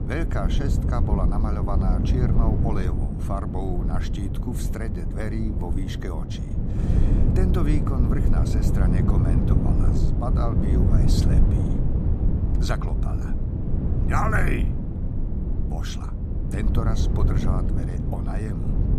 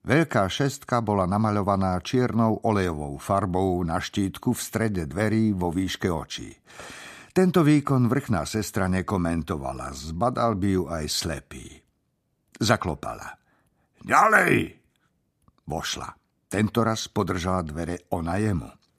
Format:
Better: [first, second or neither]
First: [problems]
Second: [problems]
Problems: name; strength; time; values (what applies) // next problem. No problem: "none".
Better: second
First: low rumble; loud; throughout; 2 dB below the speech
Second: none